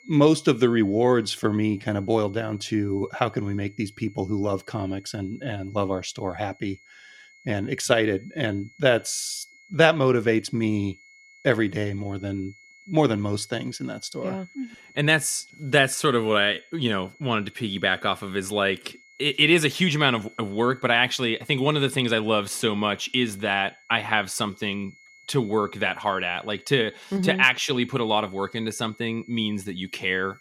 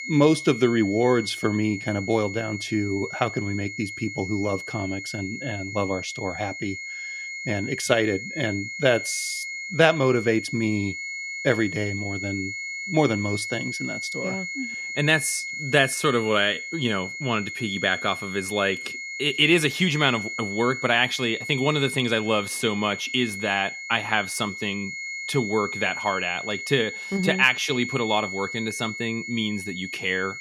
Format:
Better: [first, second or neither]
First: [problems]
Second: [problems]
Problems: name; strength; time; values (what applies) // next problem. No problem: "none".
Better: first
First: high-pitched whine; faint; throughout; 2 kHz, 25 dB below the speech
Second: high-pitched whine; loud; throughout; 2 kHz, 7 dB below the speech